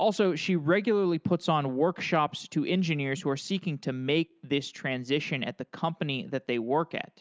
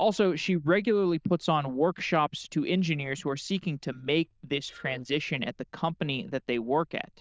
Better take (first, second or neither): first